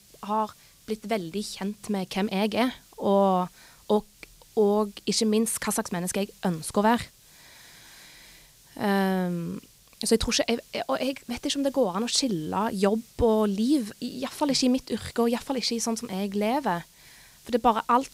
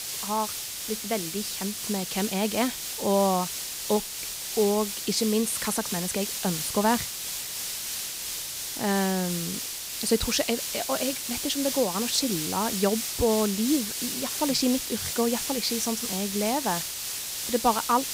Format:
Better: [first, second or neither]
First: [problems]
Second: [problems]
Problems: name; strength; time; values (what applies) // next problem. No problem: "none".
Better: first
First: hiss; faint; throughout; 25 dB below the speech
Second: hiss; loud; throughout; 2 dB below the speech